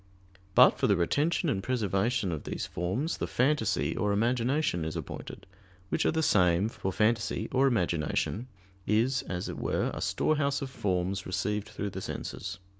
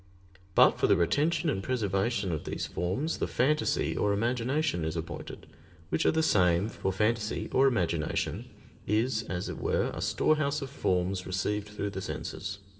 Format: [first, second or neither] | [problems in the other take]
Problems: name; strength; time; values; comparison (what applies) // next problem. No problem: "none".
first | room echo; dies away in 2 s